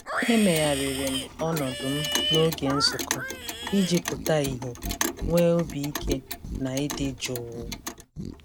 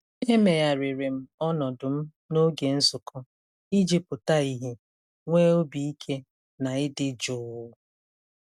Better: second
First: background sound (Clock + Livestock, farm animals, working animals); 4 dB below the speech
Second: none

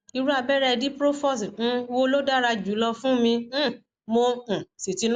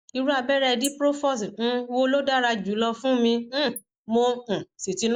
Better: first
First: none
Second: noise reduction (neural mask model Resemble Enhance denoiser)

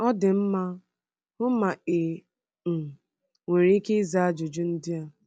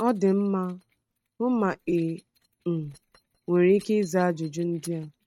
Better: first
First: none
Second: noise reduction (neural mask model RNNoise)

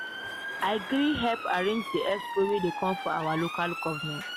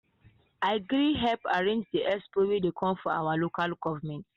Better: second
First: background sound (Motor vehicle (road) / Siren); 7 dB below the speech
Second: none

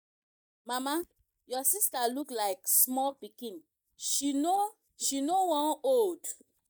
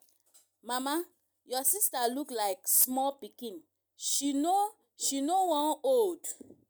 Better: second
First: noise reduction (neural mask model DeepFilterNet 3)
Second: none

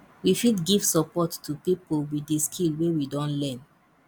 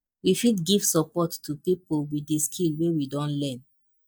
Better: first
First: none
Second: noise reduction (neural mask model DeepFilterNet 3)

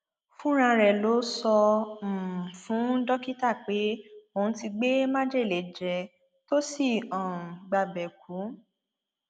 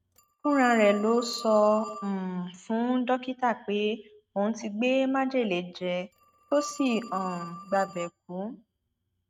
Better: first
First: none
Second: noise reduction (neural mask model RNNoise)

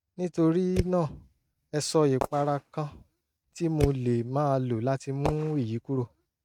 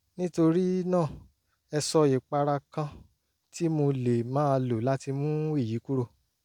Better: second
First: noise reduction (neural mask model RNNoise)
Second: none

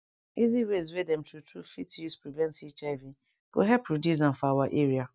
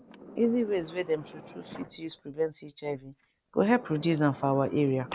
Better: first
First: none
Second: background sound (Sliding door); 17 dB below the speech

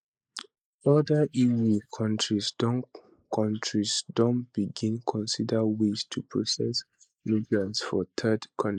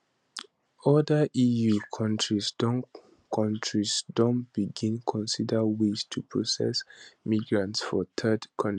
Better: second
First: noise reduction (neural mask model Resemble Enhance denoiser)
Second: none

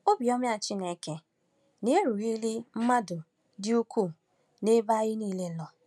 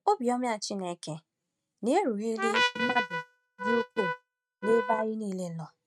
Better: first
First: none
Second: noise reduction (neural mask model RNNoise)

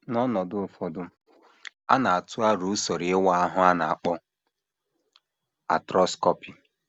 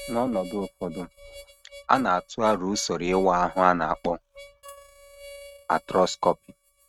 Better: first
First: none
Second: noise reduction (neural mask model RNNoise)

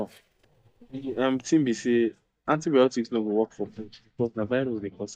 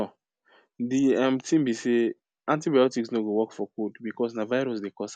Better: second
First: noise reduction (neural mask model DeepFilterNet 3)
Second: none

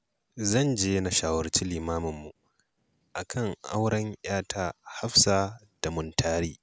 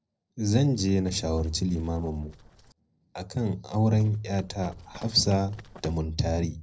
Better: first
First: none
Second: noise reduction (neural separator model SepFormer DNS4)

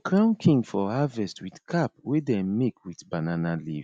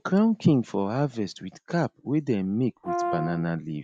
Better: first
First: none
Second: background sound (Brass instrument); 5 dB below the speech

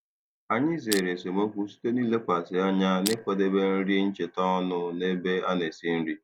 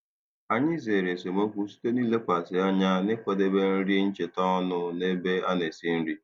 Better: second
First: background sound (Crushing); 8 dB below the speech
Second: none

